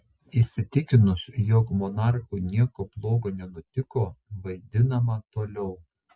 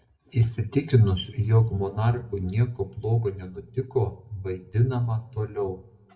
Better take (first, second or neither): first